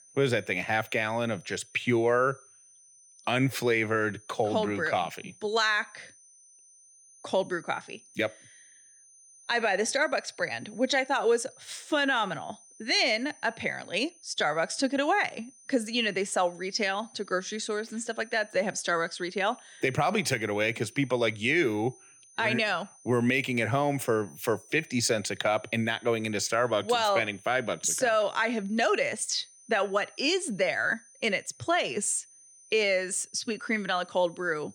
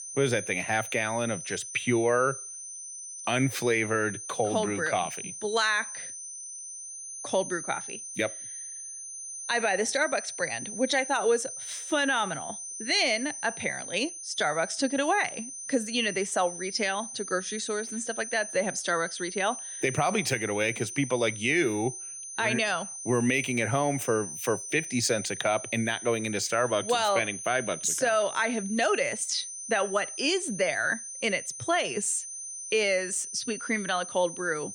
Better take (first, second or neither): first